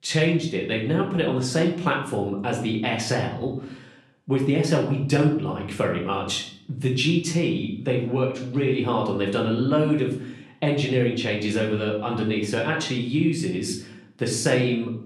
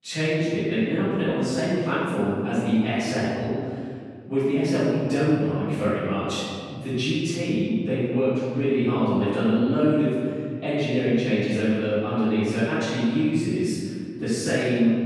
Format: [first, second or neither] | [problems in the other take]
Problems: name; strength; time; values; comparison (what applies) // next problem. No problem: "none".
first | room echo; strong; dies away in 2 s; slight in the first // off-mic speech; far; far in the first